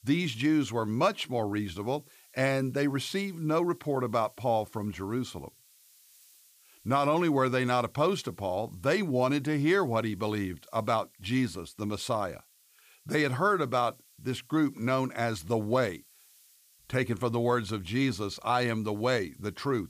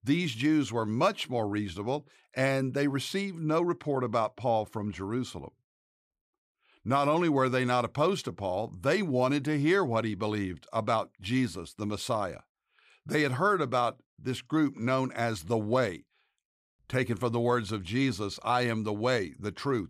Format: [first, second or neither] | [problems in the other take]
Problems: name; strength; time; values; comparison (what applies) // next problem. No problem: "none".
second | hiss; faint; throughout; 30 dB below the speech